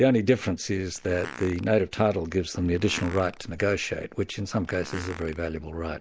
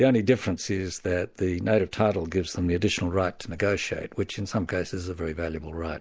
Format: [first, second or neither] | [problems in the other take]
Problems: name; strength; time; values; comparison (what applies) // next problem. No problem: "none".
second | background sound (Fart); 18 dB below the speech